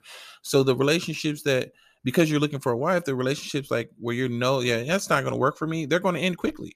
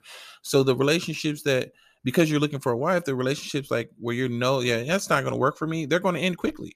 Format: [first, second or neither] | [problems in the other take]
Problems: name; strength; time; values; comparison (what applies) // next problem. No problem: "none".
neither | none